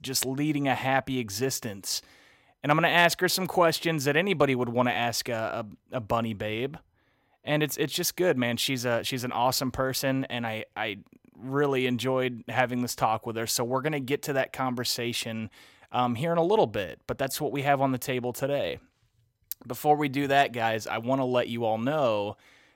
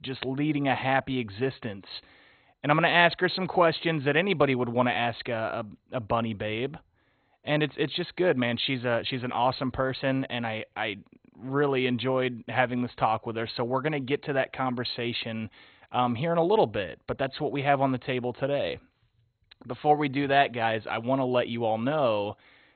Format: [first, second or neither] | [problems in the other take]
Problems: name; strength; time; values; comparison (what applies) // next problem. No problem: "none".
first | garbled, watery; badly; nothing above 4 kHz